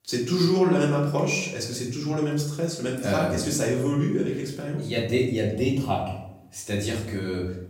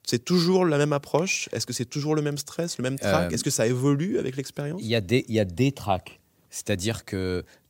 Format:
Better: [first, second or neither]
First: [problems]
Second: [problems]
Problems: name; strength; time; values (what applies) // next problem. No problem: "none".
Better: second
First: off-mic speech; far // room echo; noticeable; dies away in 0.7 s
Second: none